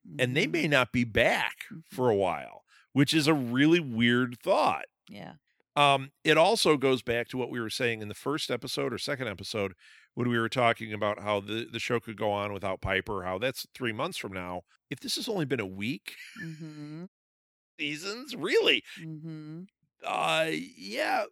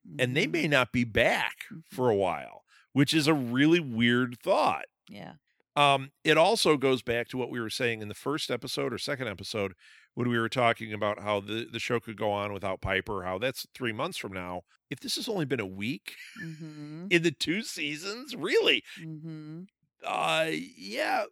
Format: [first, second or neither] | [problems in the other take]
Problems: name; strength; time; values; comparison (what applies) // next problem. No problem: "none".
second | audio cutting out; at 17 s for 0.5 s